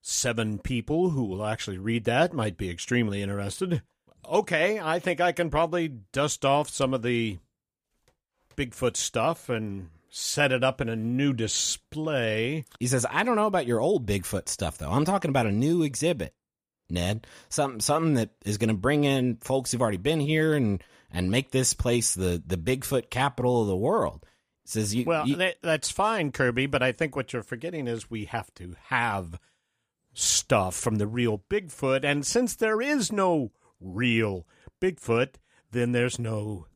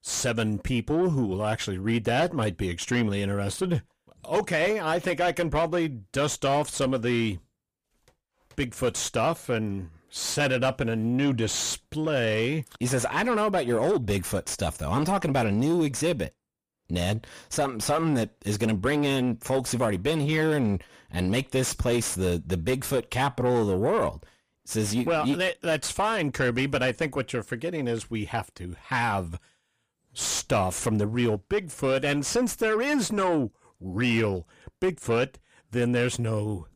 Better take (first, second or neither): first